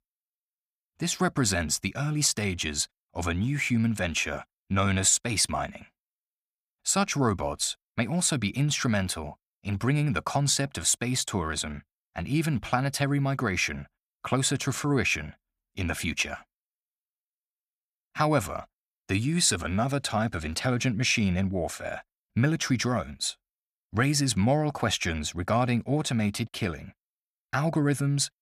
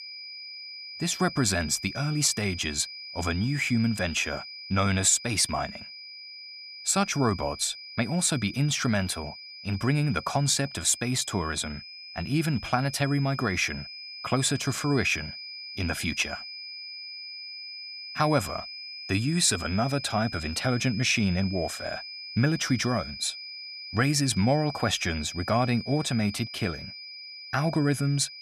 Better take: first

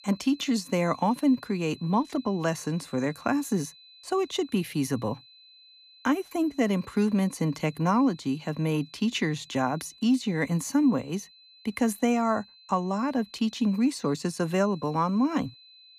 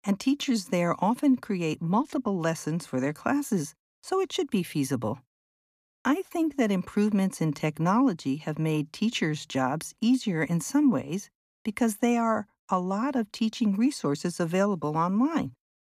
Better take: second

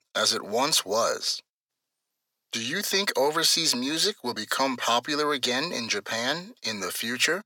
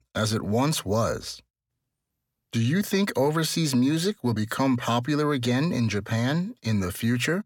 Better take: second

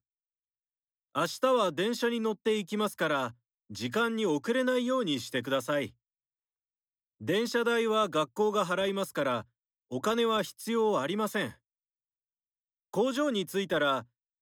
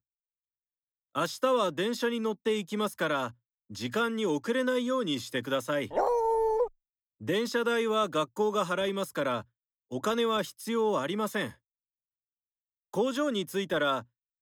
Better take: first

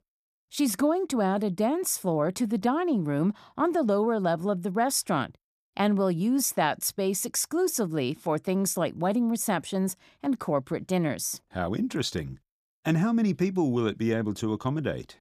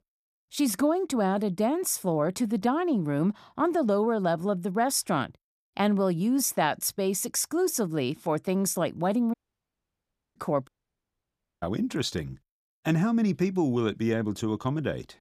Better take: first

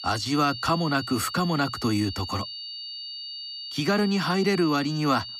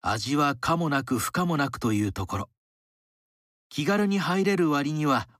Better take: second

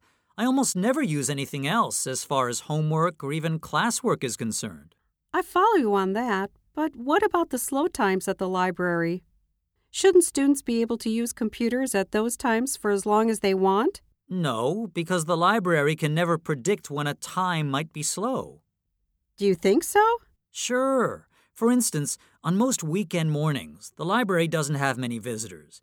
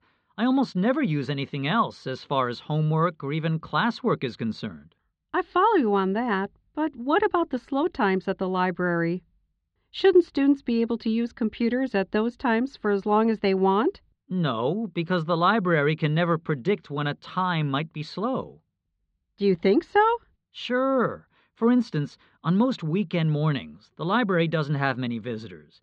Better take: first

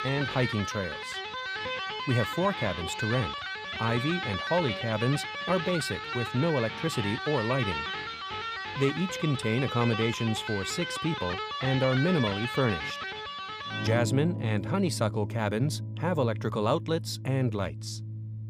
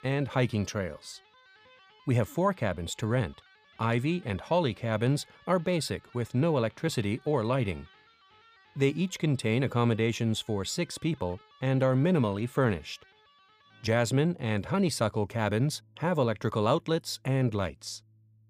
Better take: second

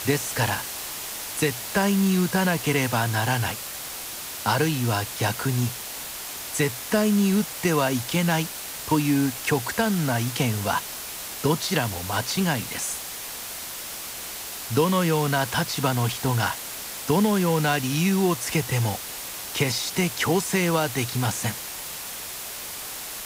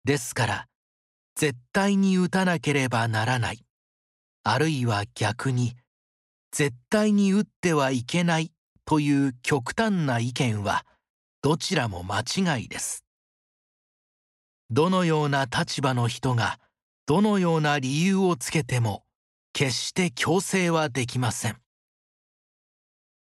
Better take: second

